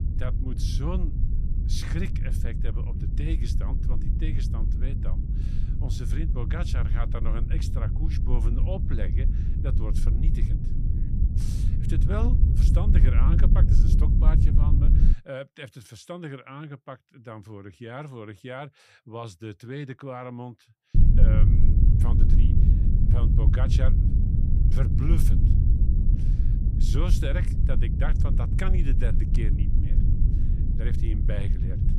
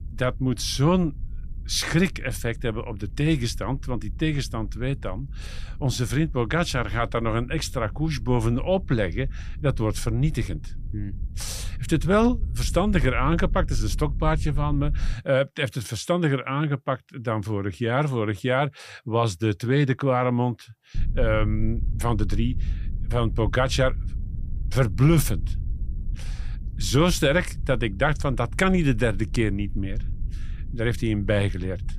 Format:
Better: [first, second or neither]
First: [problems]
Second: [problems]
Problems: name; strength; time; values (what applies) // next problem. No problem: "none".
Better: second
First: low rumble; loud; until 15 s and from 21 s on; 1 dB below the speech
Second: low rumble; faint; until 15 s and from 21 s on; 25 dB below the speech